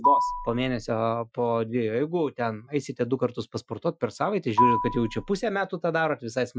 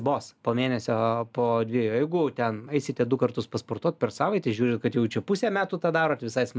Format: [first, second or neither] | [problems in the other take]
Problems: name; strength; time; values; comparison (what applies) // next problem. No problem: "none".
second | noise reduction (classical method Wiener filter)